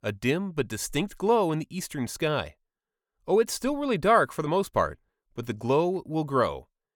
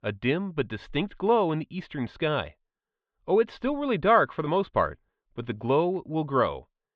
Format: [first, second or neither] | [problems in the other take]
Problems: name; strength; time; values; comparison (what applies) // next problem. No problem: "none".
first | muffled; very; fading above 3.5 kHz